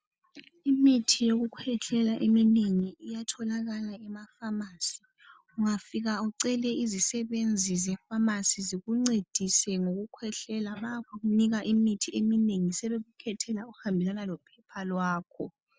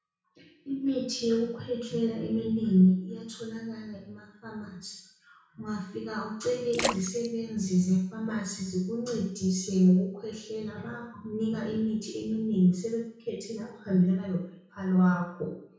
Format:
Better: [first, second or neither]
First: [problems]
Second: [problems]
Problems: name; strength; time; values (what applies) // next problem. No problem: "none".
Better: first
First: none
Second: background sound (Splash, splatter); 8 dB below the speech // room echo; dies away in 0.6 s